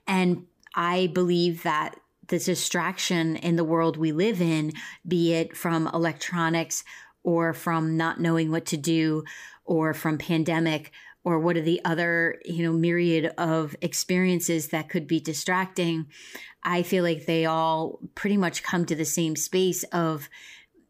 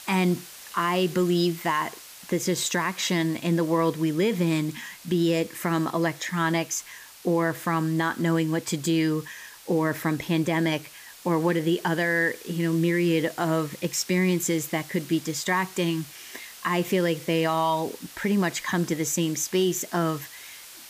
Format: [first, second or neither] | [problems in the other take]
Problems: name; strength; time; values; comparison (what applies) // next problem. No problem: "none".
first | hiss; noticeable; throughout; 20 dB below the speech